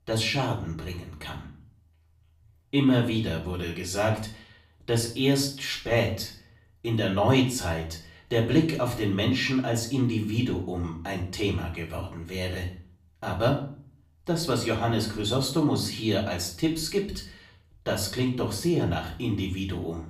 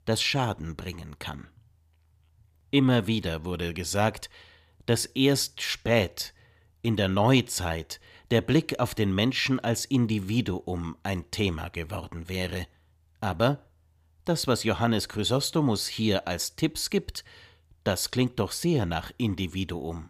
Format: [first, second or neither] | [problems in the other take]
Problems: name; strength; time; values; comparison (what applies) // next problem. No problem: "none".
second | room echo; slight; dies away in 0.4 s // off-mic speech; far